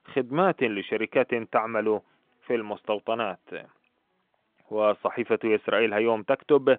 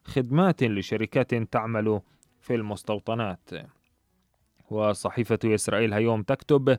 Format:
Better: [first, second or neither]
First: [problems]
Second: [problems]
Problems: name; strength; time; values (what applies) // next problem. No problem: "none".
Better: second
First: phone-call audio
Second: none